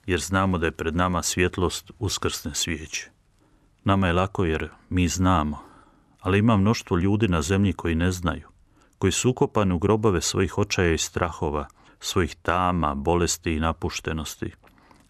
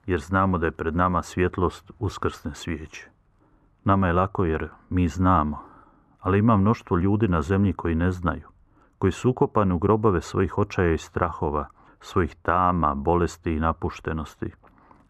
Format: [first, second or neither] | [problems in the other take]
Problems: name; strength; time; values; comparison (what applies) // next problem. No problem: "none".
first | muffled; very; fading above 2.5 kHz